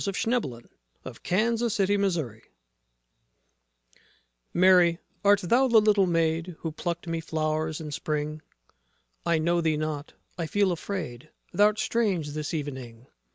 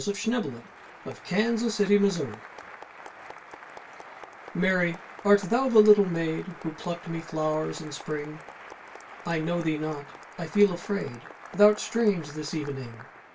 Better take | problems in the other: first | background sound (Applause); 17 dB below the speech // room echo; dies away in 0.2 s

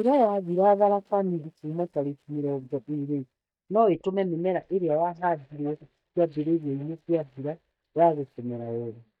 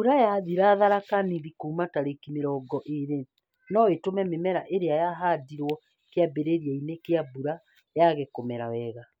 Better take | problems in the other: second | noise reduction (neural mask model DeepFilterNet 3)

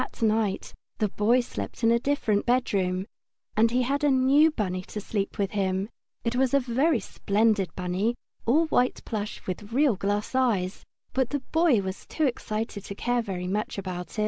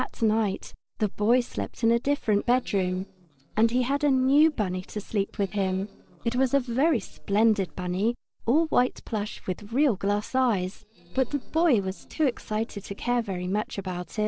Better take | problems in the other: first | noise reduction (neural separator model SepFormer DNS4)

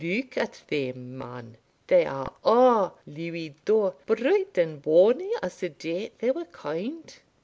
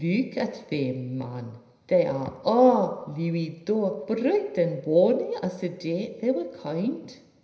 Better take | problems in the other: first | room echo; dies away in 0.9 s

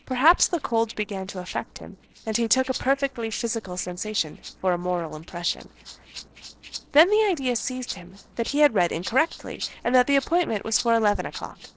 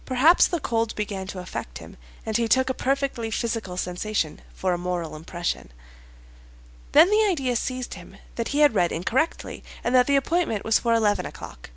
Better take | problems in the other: second | noise reduction (neural separator model SepFormer DNS4)

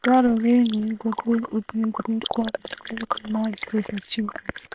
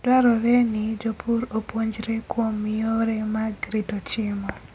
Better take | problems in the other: second | noise reduction (neural separator model SepFormer WHAM!)

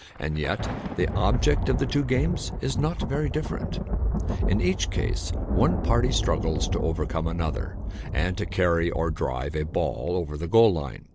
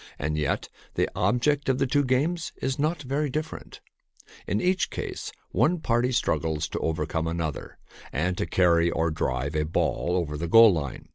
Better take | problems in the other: second | background sound (Thunder); 1 dB below the speech

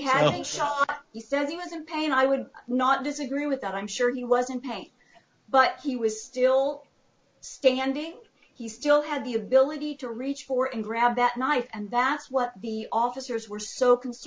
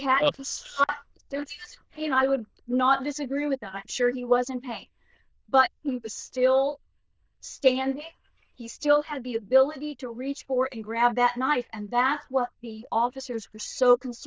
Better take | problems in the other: first | noise reduction (neural diffusion model UNIVERSE++)

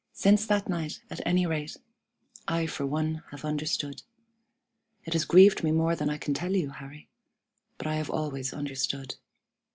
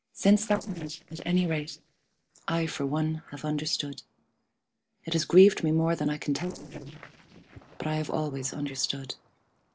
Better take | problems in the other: first | noise reduction (neural separator model SepFormer DNS4)

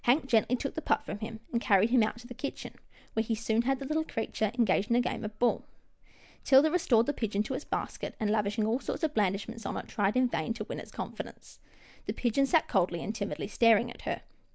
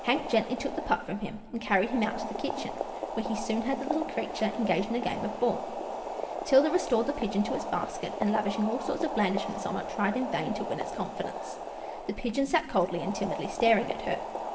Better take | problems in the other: first | background sound (Boiling); 6 dB below the speech // room echo; dies away in 1.5 s

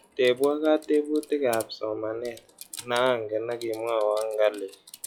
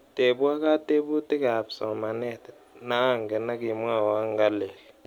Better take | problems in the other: second | noise reduction (classical method log-MMSE)

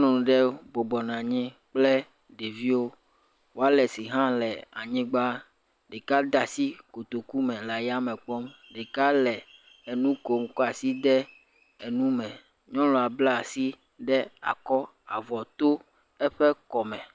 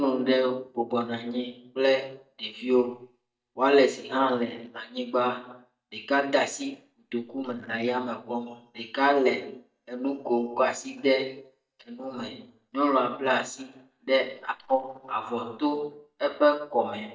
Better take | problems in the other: first | noise reduction (neural mask model DeepFilterNet 3)

